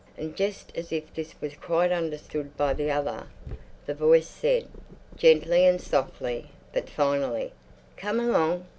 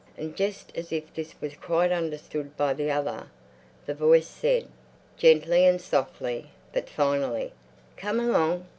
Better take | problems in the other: second | background sound (Purr); 19 dB below the speech

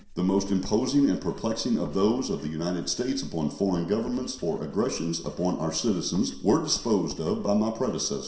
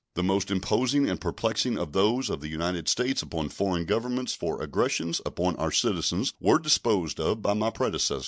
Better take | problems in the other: second | background sound (Writing); 18 dB below the speech // room echo; dies away in 0.7 s

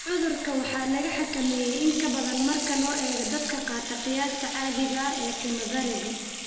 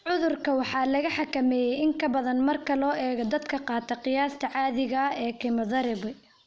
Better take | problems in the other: second | background sound (Sink (filling or washing) / Water tap, faucet); 6 dB below the speech // room echo; dies away in 1.9 s

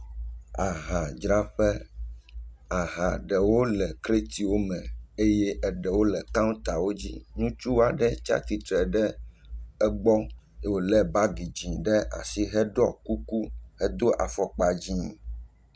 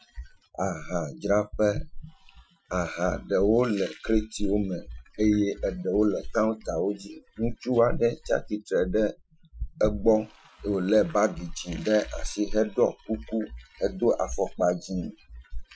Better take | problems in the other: first | noise reduction (classical method Wiener filter)

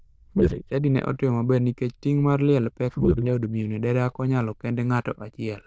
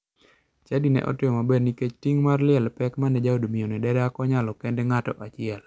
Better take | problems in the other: second | noise reduction (neural diffusion model UNIVERSE++)

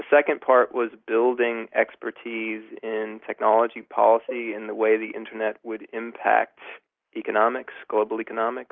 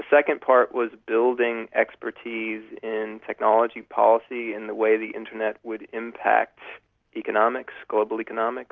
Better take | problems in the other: second | noise reduction (neural mask model Resemble Enhance denoiser)

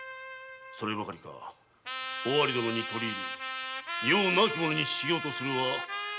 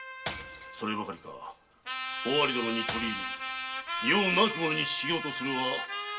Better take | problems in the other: first | background sound (Shatter / Crushing); 16 dB below the speech // room echo; dies away in 0.2 s

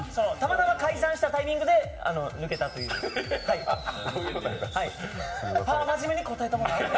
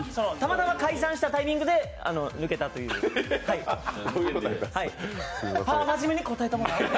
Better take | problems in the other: second | background sound (Fireworks); 17 dB below the speech // room echo; dies away in 0.5 s

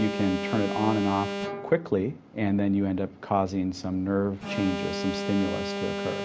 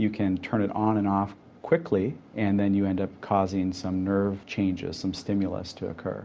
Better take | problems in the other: second | background sound (Alarm); 6 dB below the speech

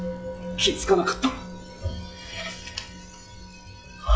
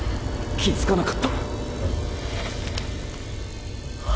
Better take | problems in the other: second | noise reduction (classical method log-MMSE)

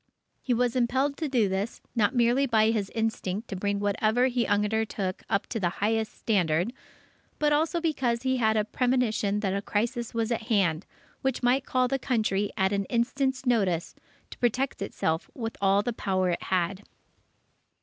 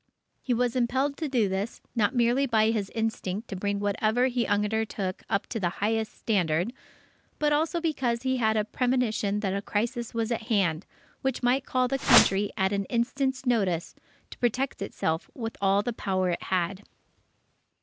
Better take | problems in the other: first | background sound (Whoosh, swoosh, swish); 4 dB above the speech

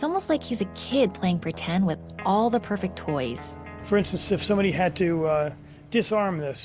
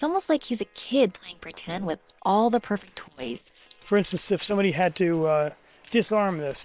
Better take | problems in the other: first | noise reduction (neural separator model SepFormer WHAM!)

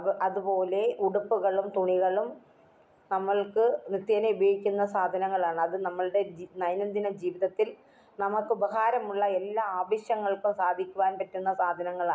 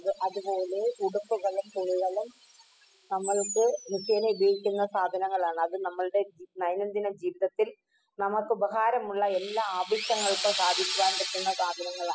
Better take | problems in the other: first | noise reduction (classical method spectral subtraction)

